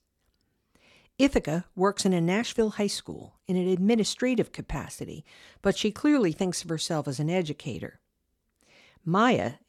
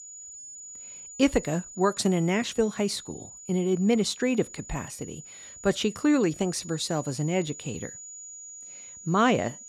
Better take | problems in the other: first | high-pitched whine; noticeable; throughout; 7 kHz, 15 dB below the speech

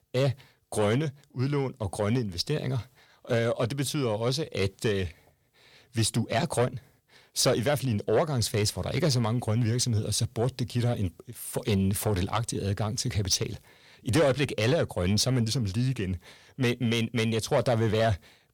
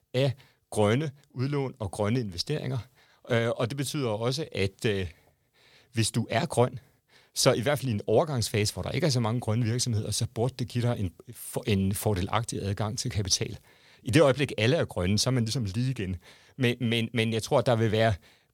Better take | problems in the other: second | distortion; slight; 10 dB below the speech

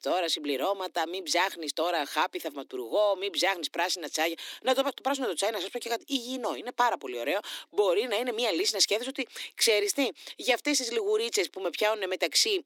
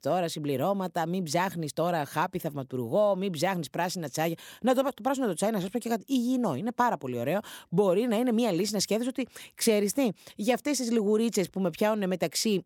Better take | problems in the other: second | thin; somewhat; fading below 300 Hz

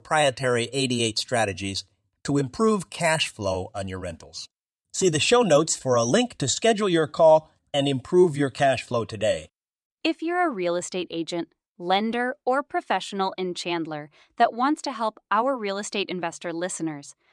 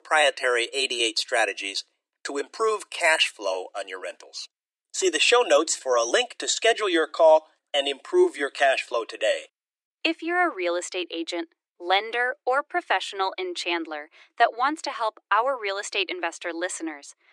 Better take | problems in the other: first | thin; very; fading below 350 Hz

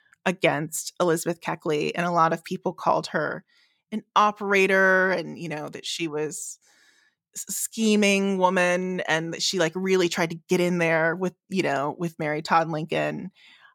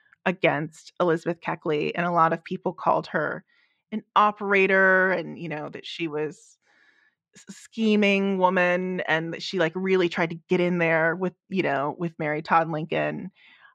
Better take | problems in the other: first | muffled; slightly; fading above 2.5 kHz

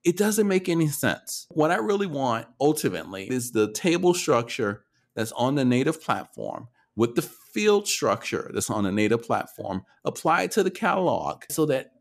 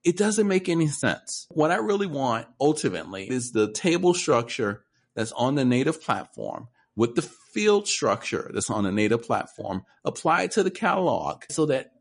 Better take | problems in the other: first | garbled, watery; slightly; nothing above 10.5 kHz

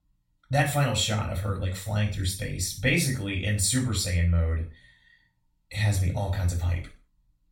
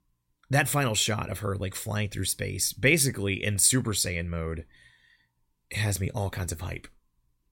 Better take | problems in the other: second | room echo; slight; dies away in 0.3 s // off-mic speech; far

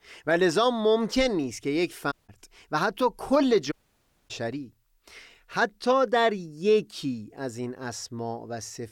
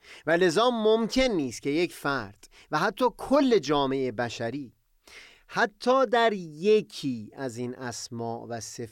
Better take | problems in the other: second | audio cutting out; at 2 s and at 3.5 s for 0.5 s

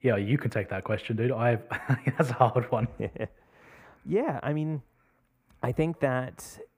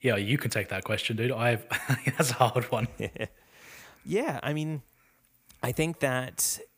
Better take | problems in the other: second | muffled; very; fading above 2.5 kHz

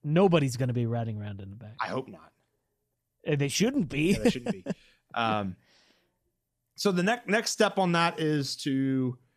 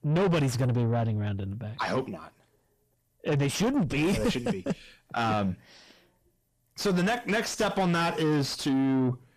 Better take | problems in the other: first | distortion; heavy; 6 dB below the speech

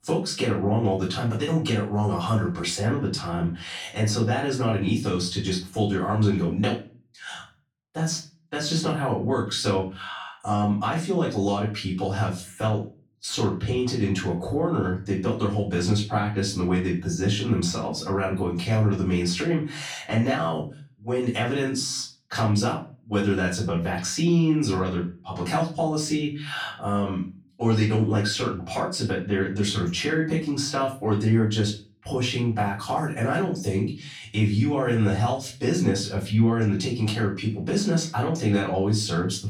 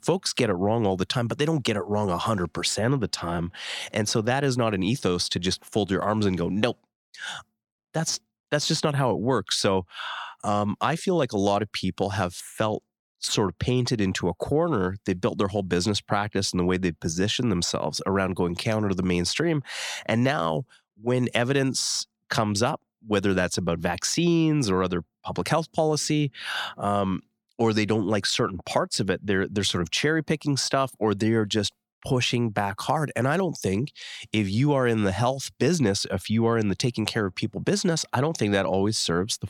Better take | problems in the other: second | room echo; slight; dies away in 0.3 s // off-mic speech; far

